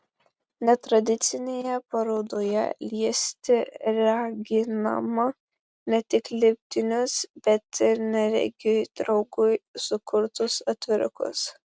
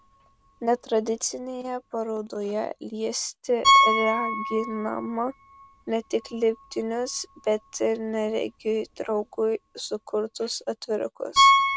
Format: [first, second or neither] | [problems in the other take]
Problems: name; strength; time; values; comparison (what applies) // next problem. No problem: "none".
first | background sound (Piano); as loud as the speech